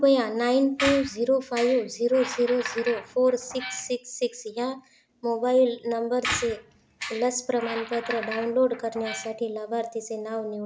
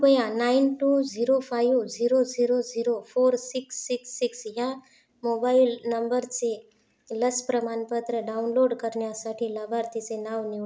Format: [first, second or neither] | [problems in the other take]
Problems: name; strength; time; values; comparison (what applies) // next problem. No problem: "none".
second | background sound (Squeak); 10 dB below the speech